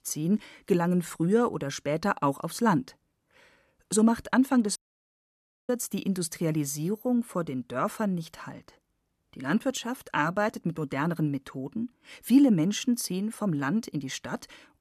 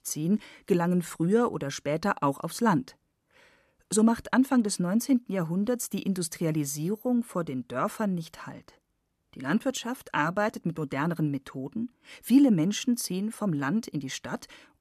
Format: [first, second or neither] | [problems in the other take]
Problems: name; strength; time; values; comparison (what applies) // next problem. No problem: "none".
second | audio cutting out; at 5 s for 1 s